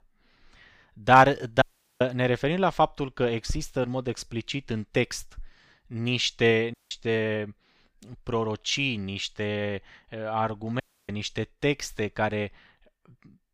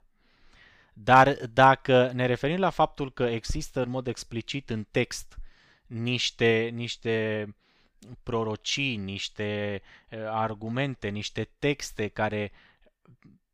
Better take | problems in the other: second | audio cutting out; at 1.5 s, at 6.5 s and at 11 s

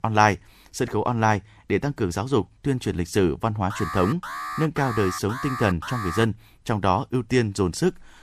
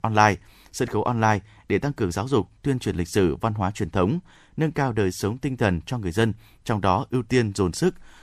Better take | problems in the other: second | alarm; noticeable; from 3.5 to 6.5 s; peak 7 dB below the speech

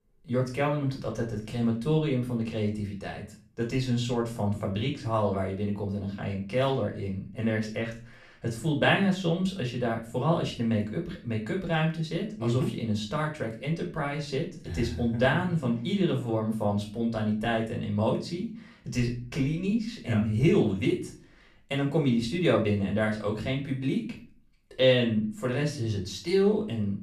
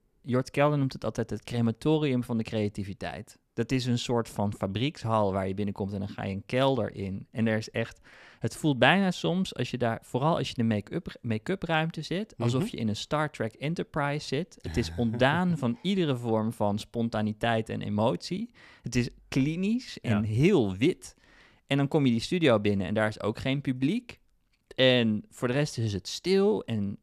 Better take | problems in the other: second | off-mic speech; far // room echo; slight; dies away in 0.4 s

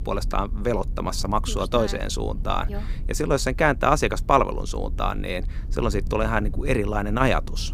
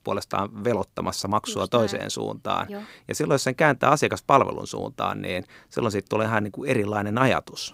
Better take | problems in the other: second | low rumble; faint; throughout; 25 dB below the speech

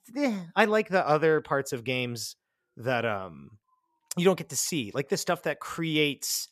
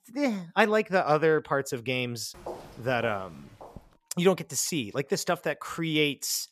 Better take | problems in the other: first | footsteps; faint; from 2.5 to 4 s; peak 15 dB below the speech

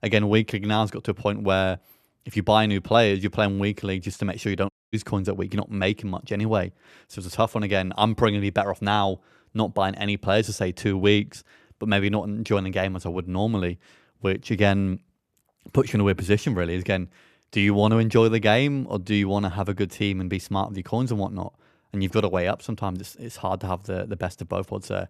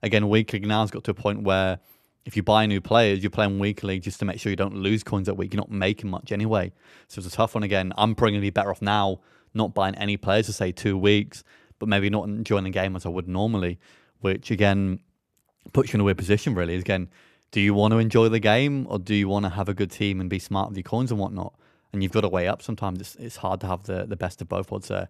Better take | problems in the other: second | audio cutting out; at 4.5 s

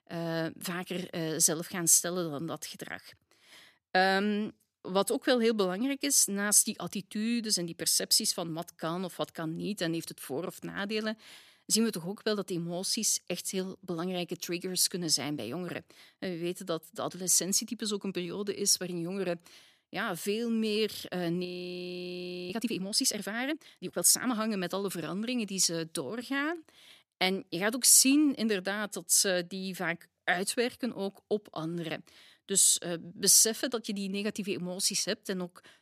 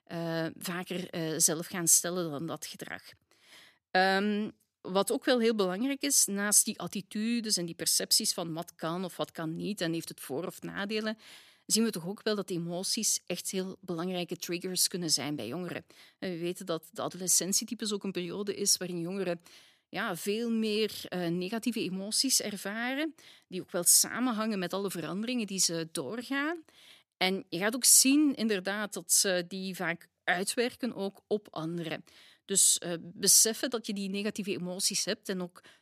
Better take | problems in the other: second | audio freezing; at 21 s for 1 s

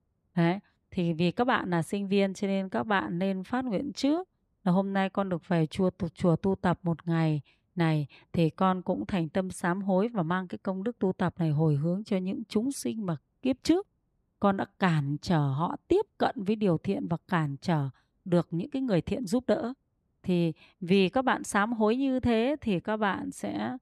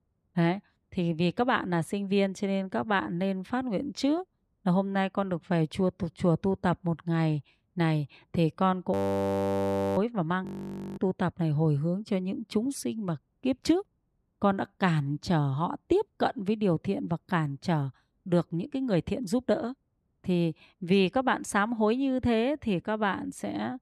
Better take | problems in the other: first | audio freezing; at 9 s for 1 s and at 10 s for 0.5 s

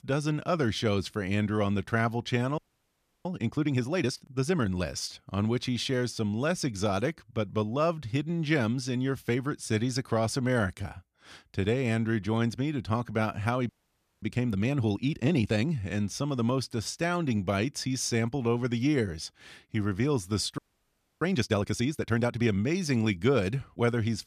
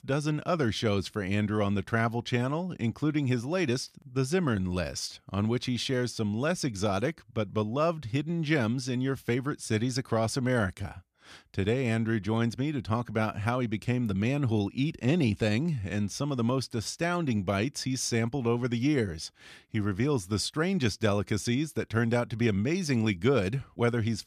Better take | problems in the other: second | audio freezing; at 2.5 s for 0.5 s, at 14 s for 0.5 s and at 21 s for 0.5 s

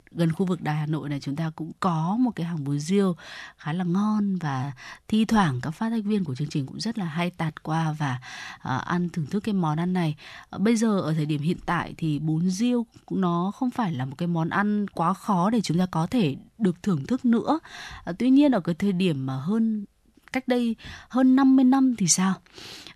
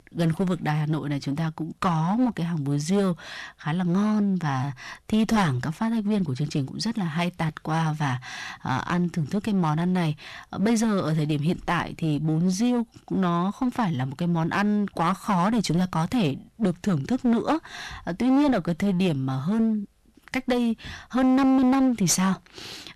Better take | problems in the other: first | distortion; slight; 13% of the sound clipped

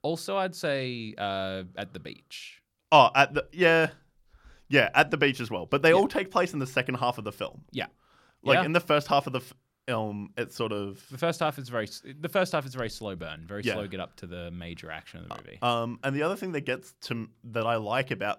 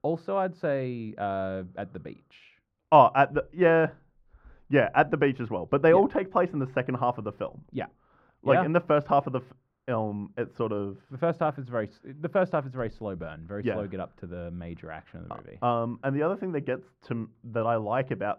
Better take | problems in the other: first | muffled; very; fading above 3.5 kHz

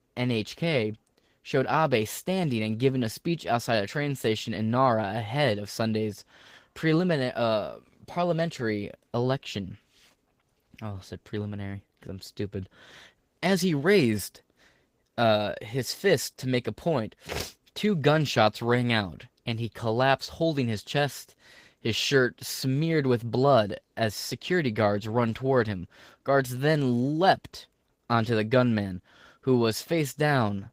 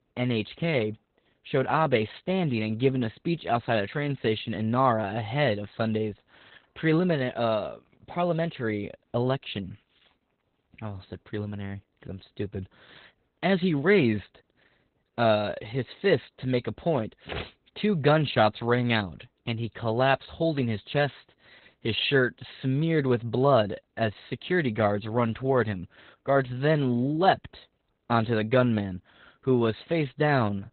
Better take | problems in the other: first | garbled, watery; badly; nothing above 4 kHz; slightly in the first

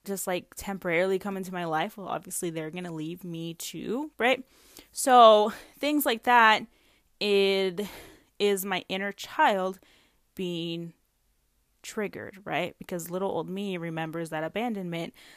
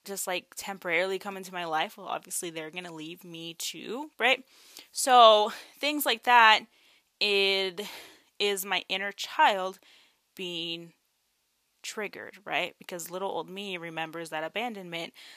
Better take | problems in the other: first | thin; very slightly; fading below 900 Hz

